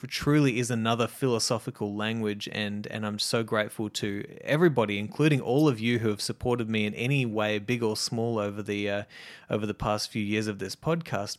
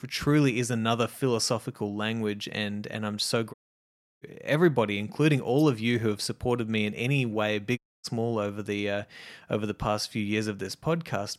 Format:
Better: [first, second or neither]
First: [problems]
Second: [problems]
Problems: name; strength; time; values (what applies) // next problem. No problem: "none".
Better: first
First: none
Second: audio cutting out; at 3.5 s for 0.5 s and at 8 s